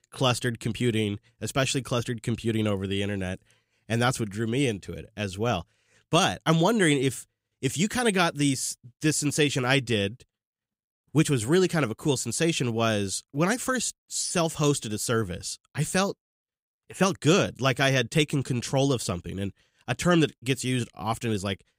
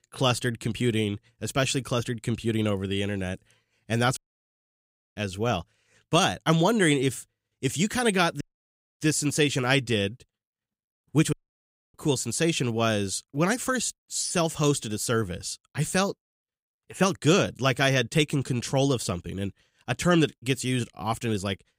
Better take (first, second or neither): first